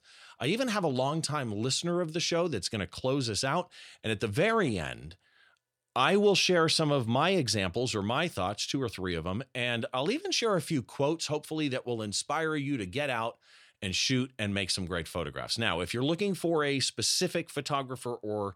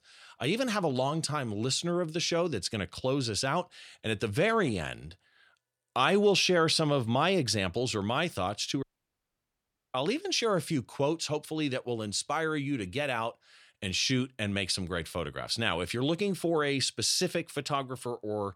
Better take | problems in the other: first | audio cutting out; at 9 s for 1 s

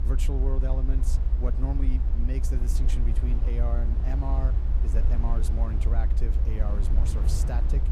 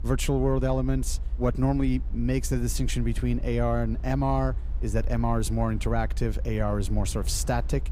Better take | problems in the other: second | low rumble; loud; throughout; 4 dB below the speech; faint in the second

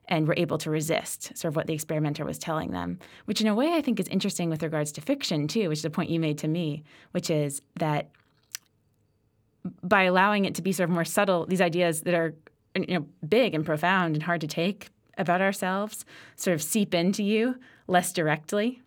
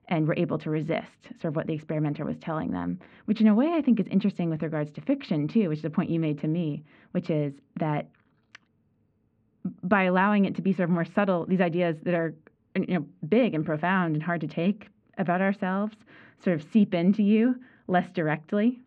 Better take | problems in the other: first | muffled; very; fading above 2.5 kHz

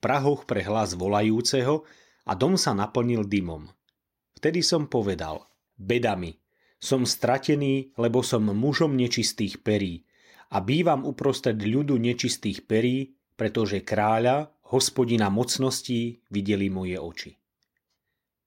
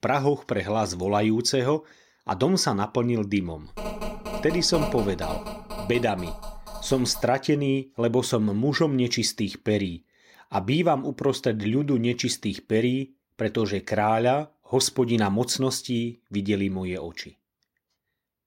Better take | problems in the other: first | phone ringing; noticeable; from 3.5 to 7 s; peak 5 dB below the speech

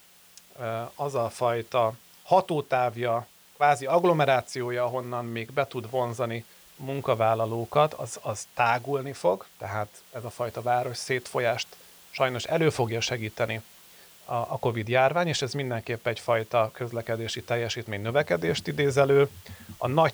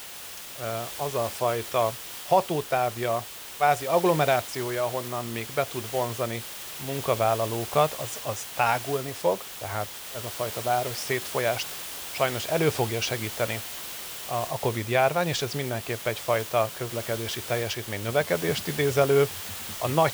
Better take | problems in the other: first | hiss; loud; throughout; 8 dB below the speech; faint in the first

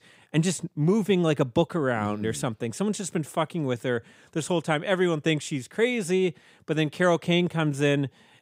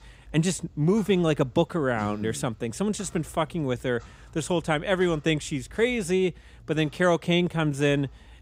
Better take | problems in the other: first | household noises; faint; throughout; 25 dB below the speech

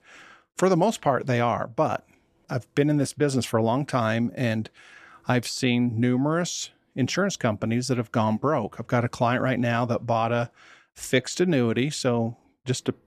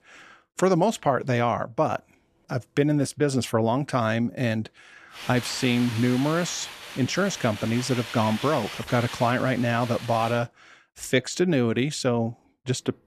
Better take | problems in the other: first | hiss; noticeable; from 5 to 10 s; 10 dB below the speech

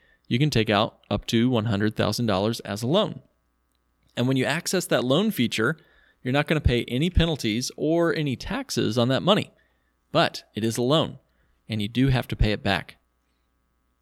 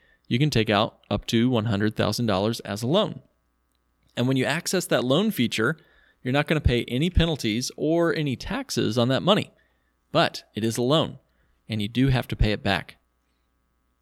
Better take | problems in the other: neither | none

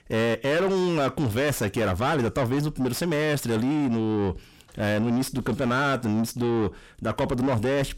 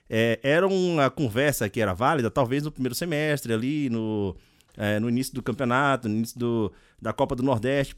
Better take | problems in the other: second | distortion; heavy; 7 dB below the speech

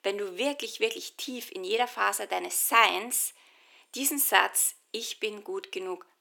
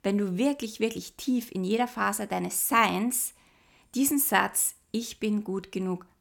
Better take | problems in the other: second | thin; somewhat; fading below 350 Hz

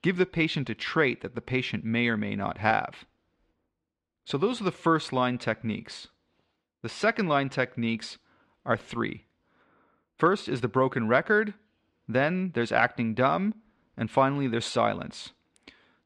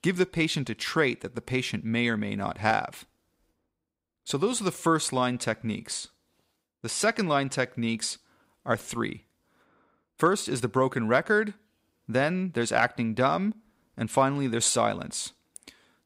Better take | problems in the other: second | muffled; slightly; fading above 3 kHz

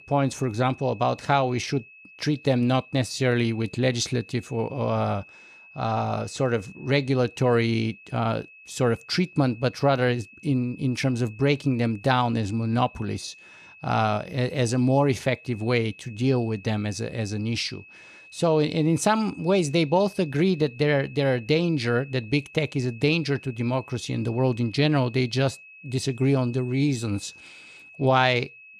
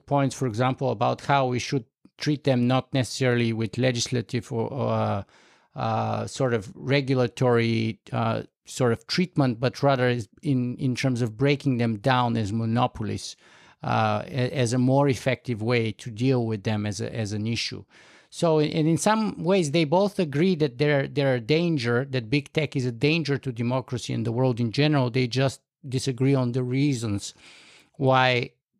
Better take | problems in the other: second | high-pitched whine; faint; throughout; 2.5 kHz, 20 dB below the speech

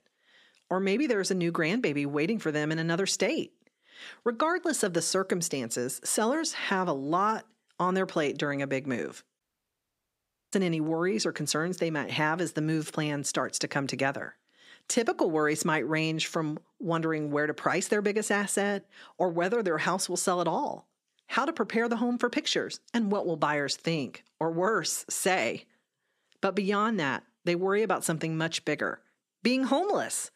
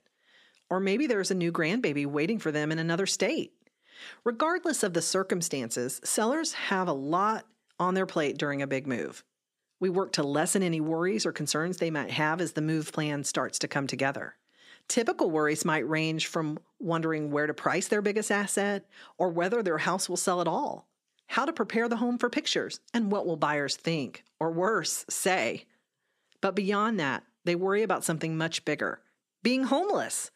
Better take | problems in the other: second | audio cutting out; at 9.5 s for 1 s

